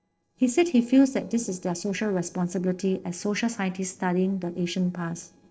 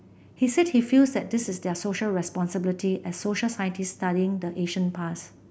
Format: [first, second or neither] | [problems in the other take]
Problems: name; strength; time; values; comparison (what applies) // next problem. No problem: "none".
second | noise reduction (neural separator model SepFormer DNS4)